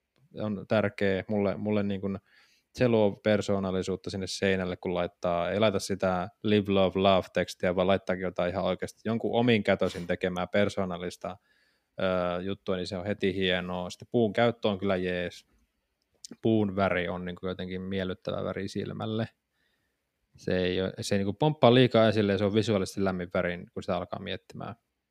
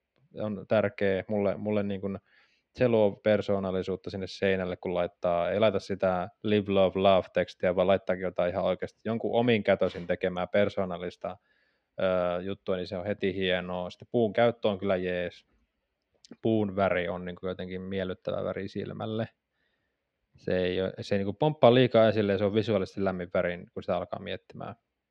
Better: first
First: none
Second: muffled; slightly; fading above 3 kHz

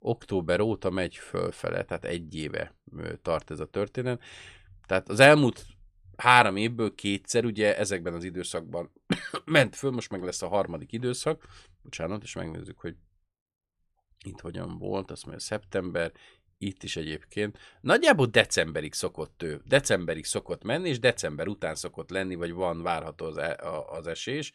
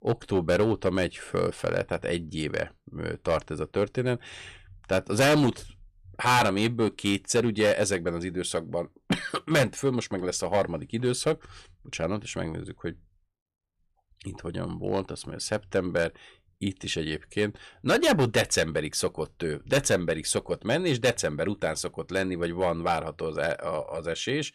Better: first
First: none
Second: distortion; heavy; 4% of the sound clipped

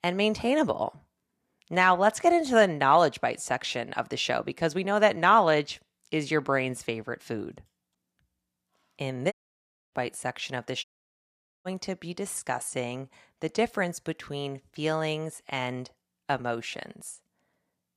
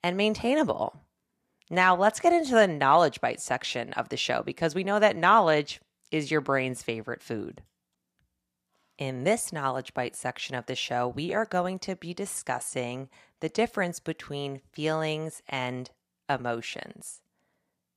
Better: second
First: audio cutting out; at 9.5 s for 0.5 s and at 11 s for 1 s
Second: none

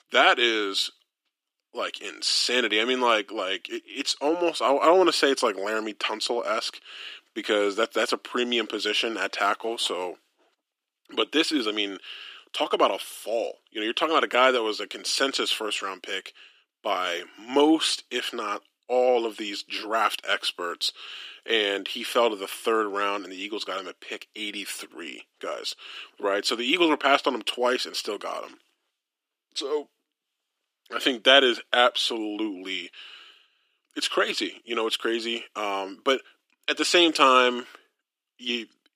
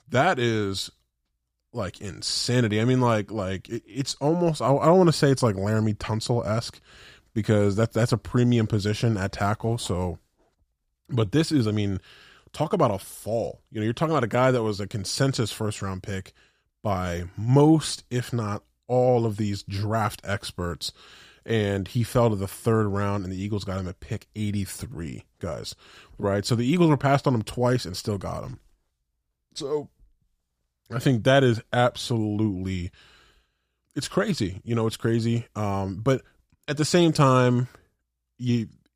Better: second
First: thin; somewhat; fading below 300 Hz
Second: none

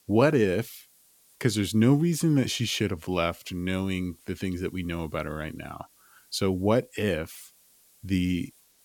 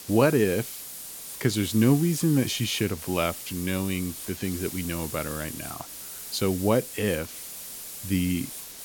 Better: first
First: hiss; faint; throughout; 30 dB below the speech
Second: hiss; loud; throughout; 10 dB below the speech

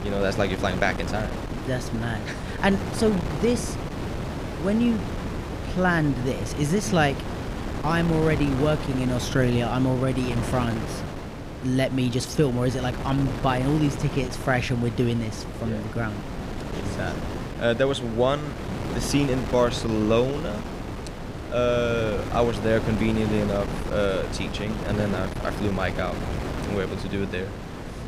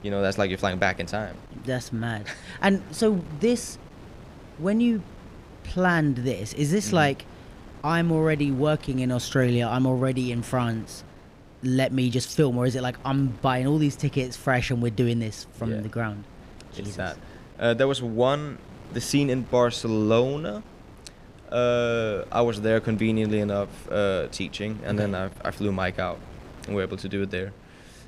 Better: second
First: wind noise on the microphone; heavy; 8 dB below the speech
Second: wind noise on the microphone; occasional gusts; 20 dB below the speech

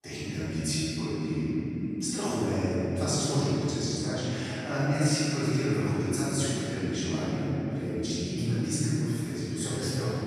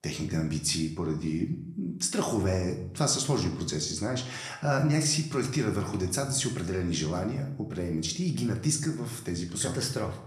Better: second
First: room echo; strong; dies away in 3 s // off-mic speech; far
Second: room echo; slight; dies away in 0.6 s

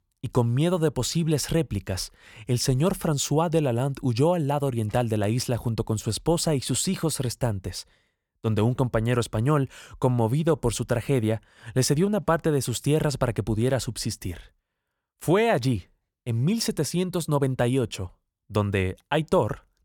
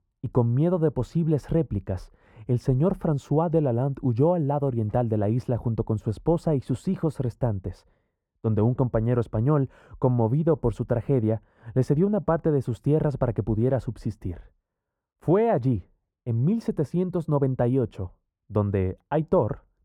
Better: first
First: none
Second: muffled; very; fading above 2 kHz

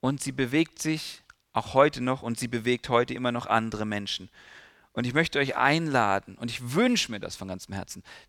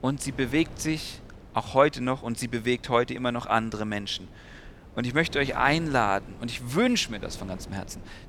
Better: first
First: none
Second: wind noise on the microphone; occasional gusts; 25 dB below the speech

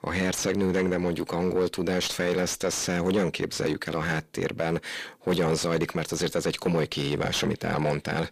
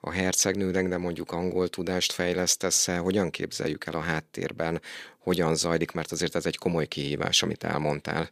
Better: second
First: distortion; heavy; 6 dB below the speech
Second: none

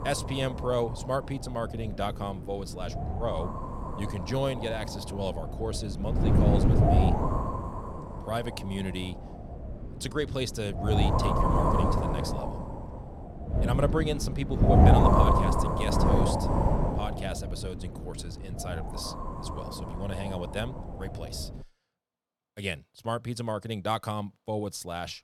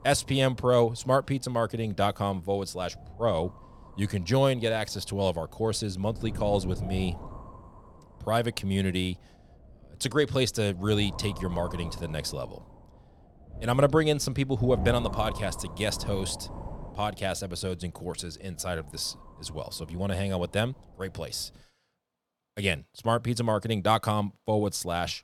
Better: second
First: wind noise on the microphone; heavy; until 22 s; 4 dB above the speech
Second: wind noise on the microphone; occasional gusts; until 22 s; 15 dB below the speech

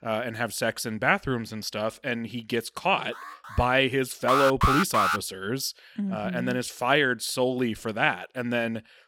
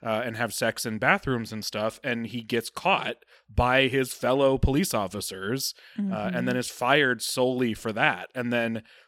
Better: second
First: alarm; faint; at 3 s; peak 15 dB below the speech // alarm; loud; at 4.5 s; peak 3 dB above the speech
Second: none

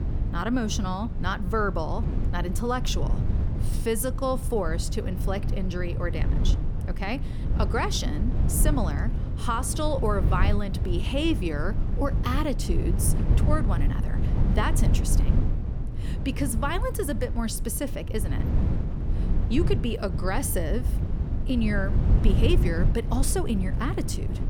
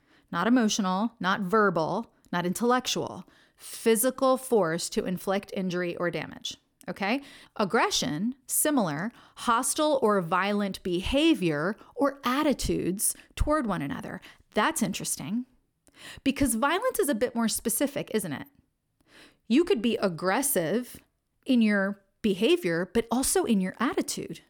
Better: second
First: low rumble; loud; throughout; 9 dB below the speech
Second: none

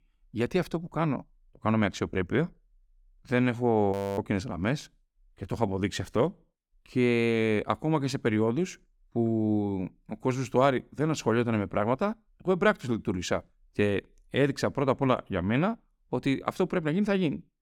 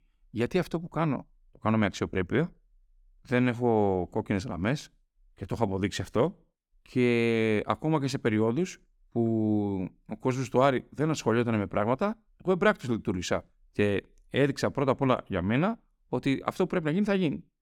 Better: second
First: audio freezing; at 4 s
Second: none

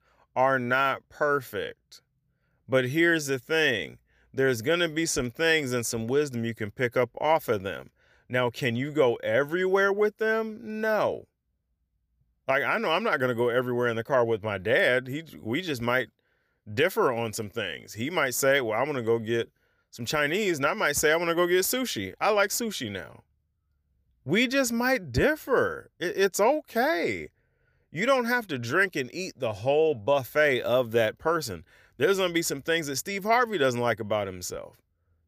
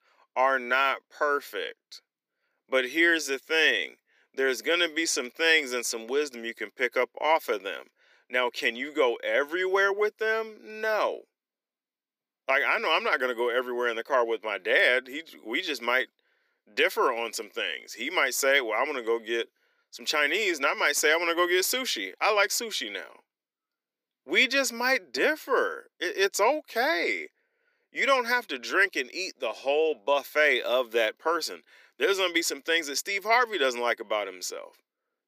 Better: first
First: none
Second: thin; somewhat; fading below 300 Hz

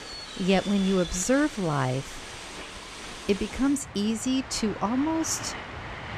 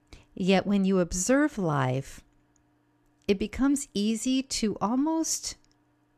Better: second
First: train or aircraft noise; noticeable; throughout; 10 dB below the speech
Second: none

